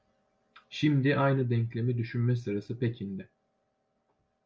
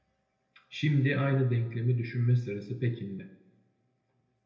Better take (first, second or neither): first